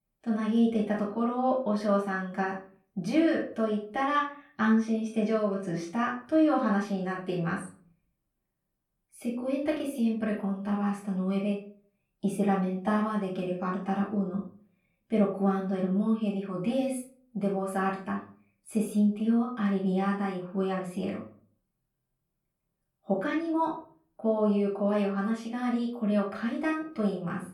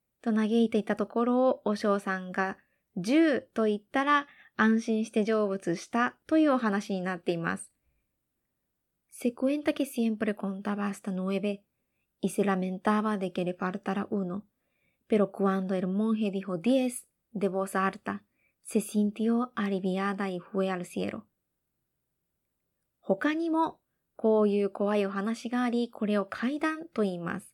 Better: second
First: off-mic speech; far // room echo; slight; dies away in 0.4 s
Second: none

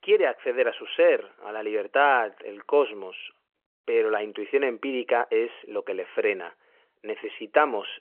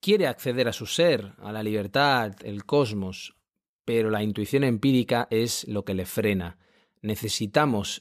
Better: second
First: phone-call audio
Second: none

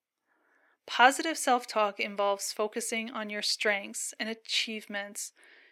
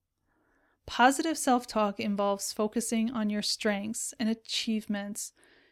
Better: second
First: thin; somewhat; fading below 450 Hz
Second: none

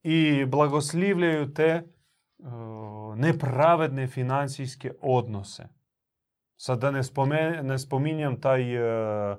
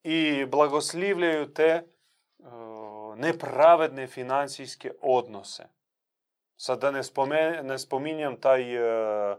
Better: first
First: none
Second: thin; somewhat; fading below 400 Hz

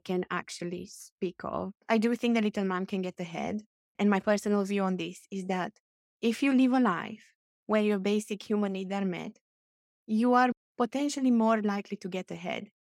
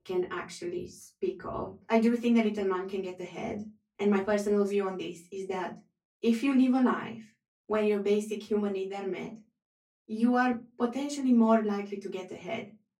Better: first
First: none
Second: off-mic speech; far // room echo; very slight; dies away in 0.2 s

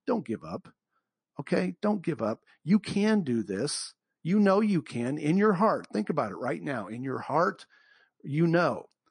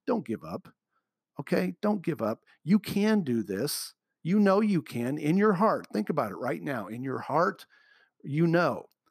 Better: second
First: garbled, watery; slightly; nothing above 10.5 kHz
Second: none

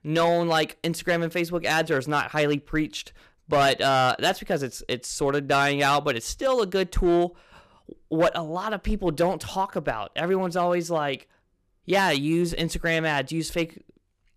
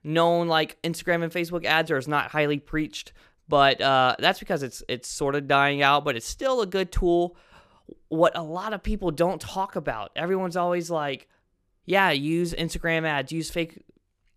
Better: second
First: distortion; slight; 4% of the sound clipped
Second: none

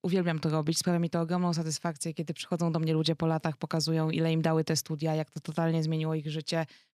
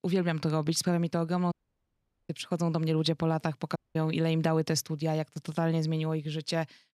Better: first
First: none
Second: audio cutting out; at 1.5 s for 1 s and at 4 s

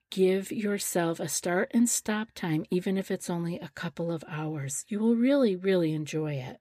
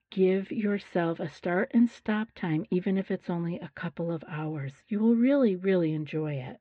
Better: first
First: none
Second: muffled; very; fading above 3 kHz

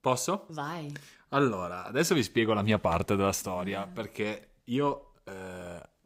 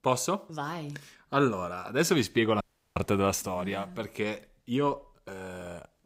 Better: first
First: none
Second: audio cutting out; at 2.5 s

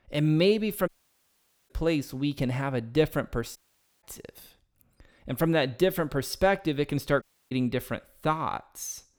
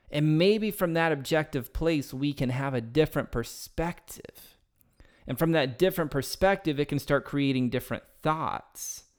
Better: second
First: audio cutting out; at 1 s for 1 s, at 3.5 s and at 7 s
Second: none

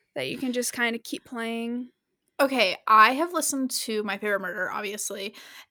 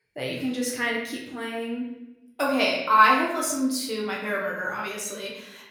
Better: first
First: none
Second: room echo; noticeable; dies away in 0.7 s // off-mic speech; far

